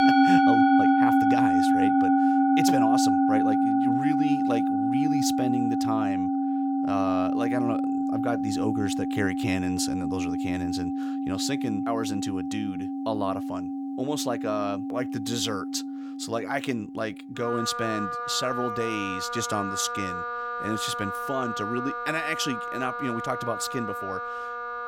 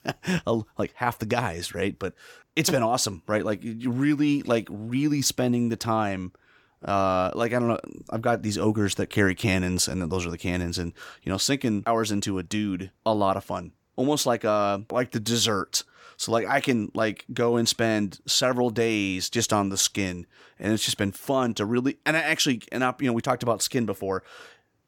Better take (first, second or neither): second